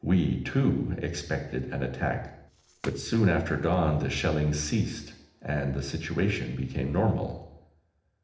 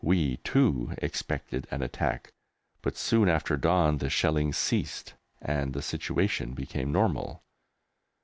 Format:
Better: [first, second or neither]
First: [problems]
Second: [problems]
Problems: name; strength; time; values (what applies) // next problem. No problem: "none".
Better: second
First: noise reduction (neural separator model SepFormer DNS4)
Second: none